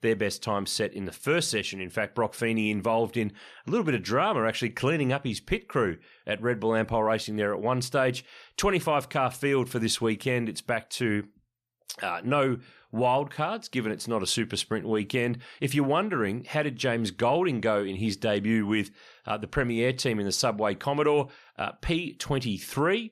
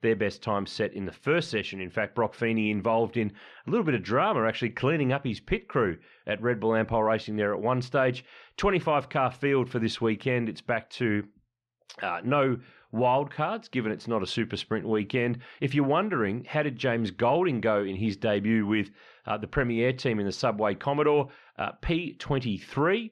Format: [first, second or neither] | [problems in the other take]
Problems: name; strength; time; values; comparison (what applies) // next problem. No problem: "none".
first | muffled; slightly; fading above 3 kHz